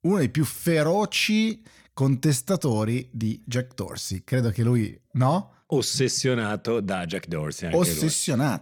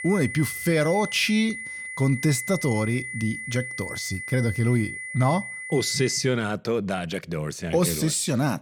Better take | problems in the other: first | high-pitched whine; loud; until 6 s; 2 kHz, 8 dB below the speech

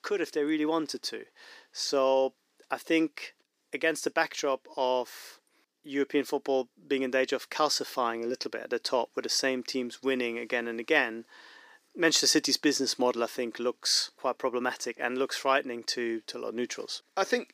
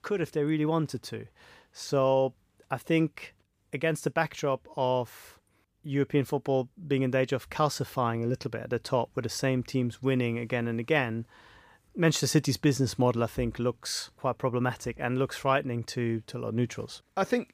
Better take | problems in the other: second | thin; very slightly; fading below 300 Hz

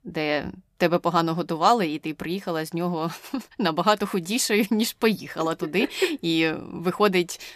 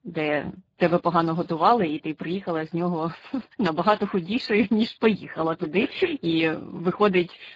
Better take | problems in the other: first | garbled, watery; badly; nothing above 7.5 kHz

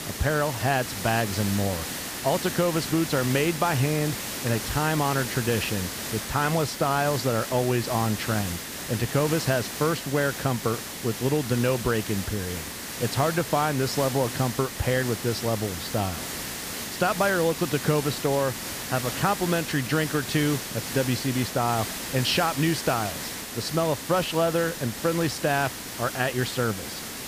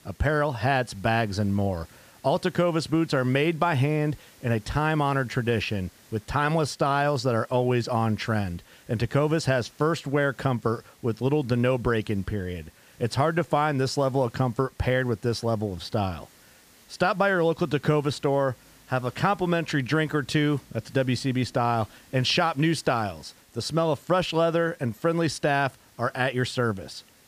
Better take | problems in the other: second | hiss; loud; throughout; 6 dB below the speech; faint in the second

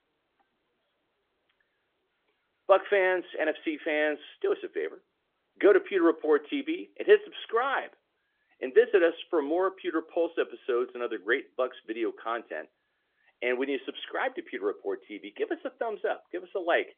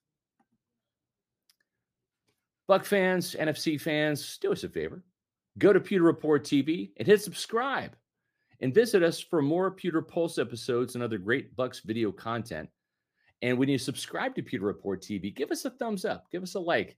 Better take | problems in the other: second | phone-call audio; nothing above 3.5 kHz

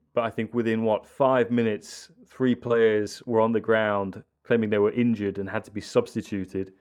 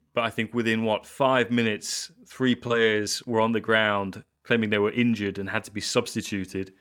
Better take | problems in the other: second | muffled; slightly; fading above 2 kHz

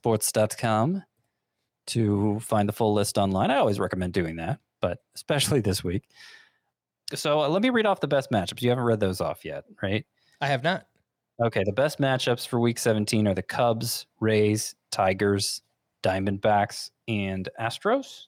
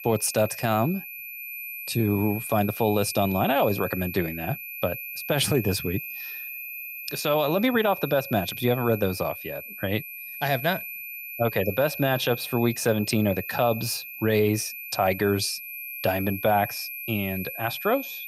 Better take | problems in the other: first | high-pitched whine; loud; throughout; 2.5 kHz, 8 dB below the speech

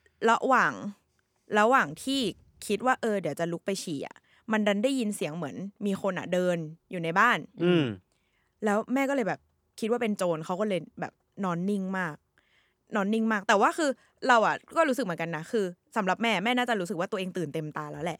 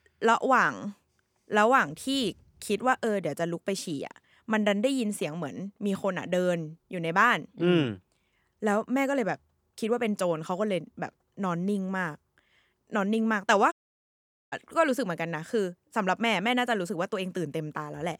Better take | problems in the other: first | audio cutting out; at 14 s for 1 s

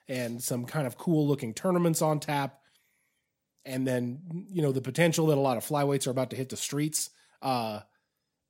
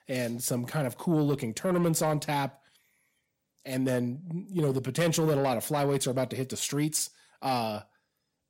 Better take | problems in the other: first | distortion; slight; 10 dB below the speech

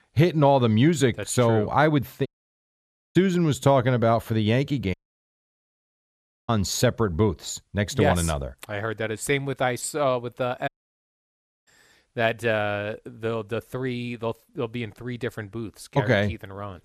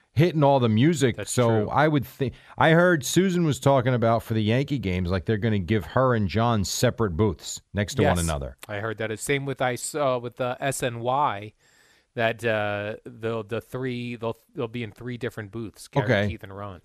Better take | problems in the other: second | audio cutting out; at 2.5 s for 1 s, at 5 s for 1.5 s and at 11 s for 1 s

